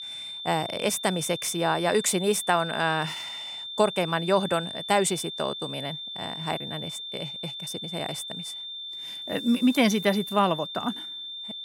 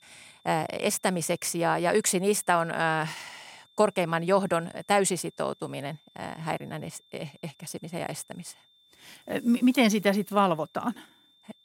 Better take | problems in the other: second | high-pitched whine; loud; throughout; 3.5 kHz, 8 dB below the speech; faint in the second

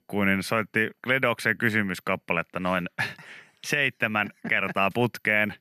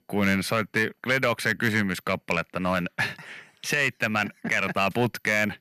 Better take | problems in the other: first | distortion; slight; 10 dB below the speech

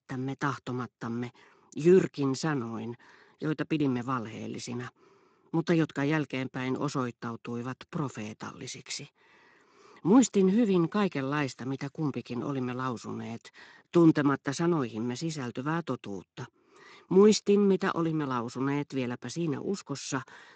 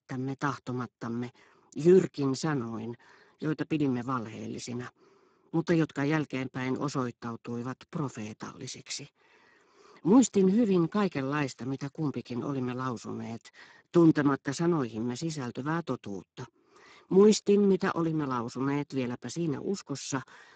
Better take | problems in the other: first | garbled, watery; badly; nothing above 7.5 kHz; slightly in the first

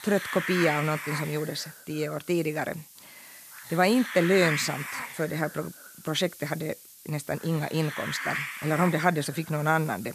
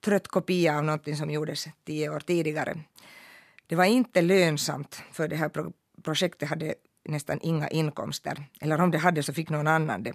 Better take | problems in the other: second | hiss; loud; throughout; 7 dB below the speech

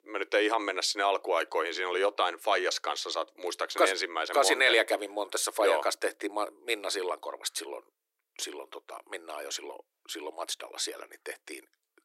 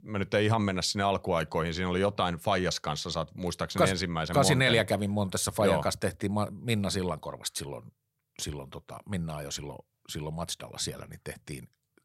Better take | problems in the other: second | thin; very; fading below 300 Hz

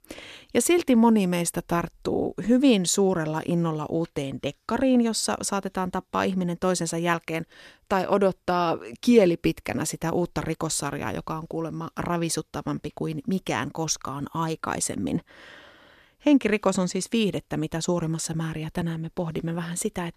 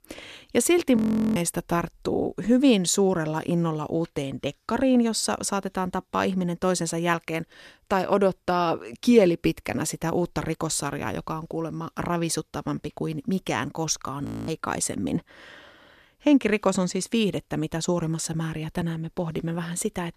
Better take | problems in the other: first | audio freezing; at 1 s and at 14 s

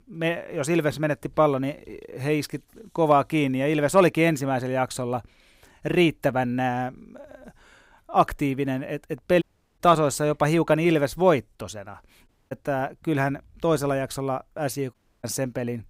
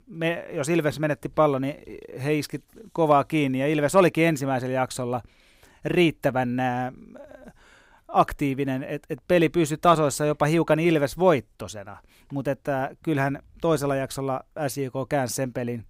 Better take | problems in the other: second | audio cutting out; at 9.5 s, at 12 s and at 15 s

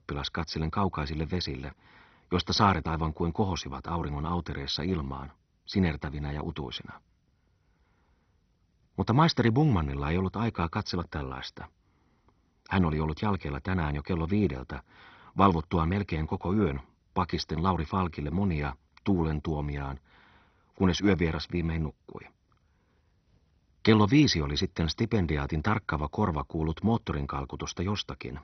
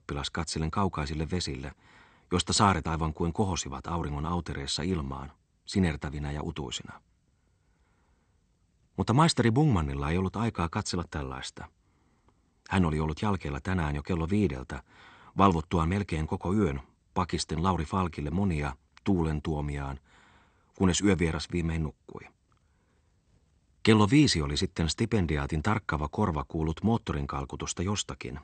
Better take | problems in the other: second | garbled, watery; badly; nothing above 6 kHz; slightly in the second

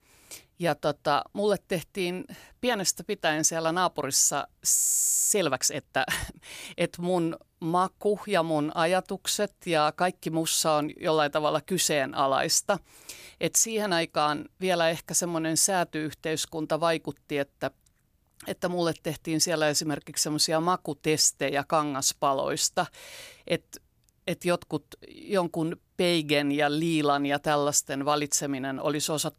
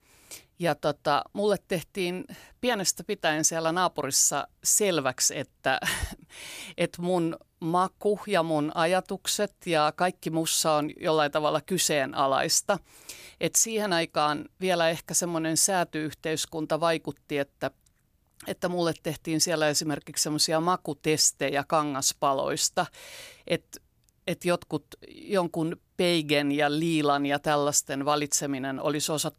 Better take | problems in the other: second | audio freezing; at 5 s for 0.5 s

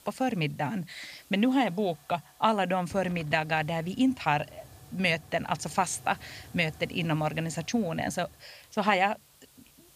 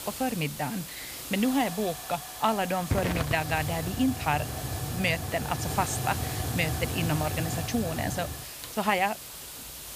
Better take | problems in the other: first | hiss; loud; throughout; 4 dB below the speech; faint in the first

